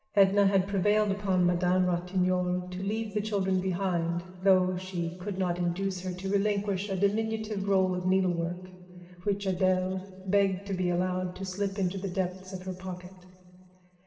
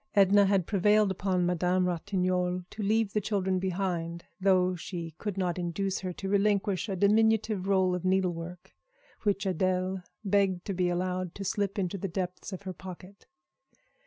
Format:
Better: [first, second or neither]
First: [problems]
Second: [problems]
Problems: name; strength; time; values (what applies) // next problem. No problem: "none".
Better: second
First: room echo; dies away in 2.7 s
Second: none